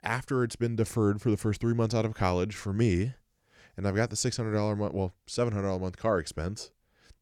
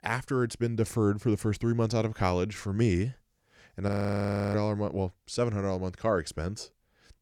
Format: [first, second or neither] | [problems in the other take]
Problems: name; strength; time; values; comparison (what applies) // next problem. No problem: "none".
first | audio freezing; at 4 s for 0.5 s